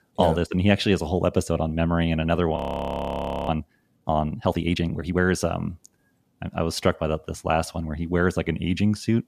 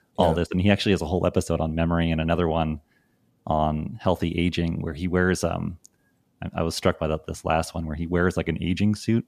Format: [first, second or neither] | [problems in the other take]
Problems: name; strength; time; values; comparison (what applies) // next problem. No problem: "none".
second | audio freezing; at 2.5 s for 1 s